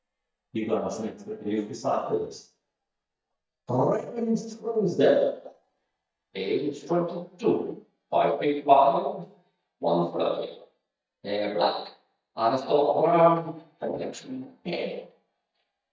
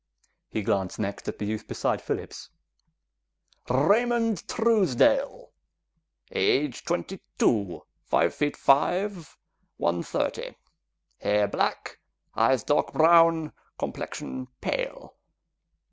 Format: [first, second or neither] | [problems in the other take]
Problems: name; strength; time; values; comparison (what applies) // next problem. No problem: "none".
second | noise reduction (neural mask model DeepFilterNet 3)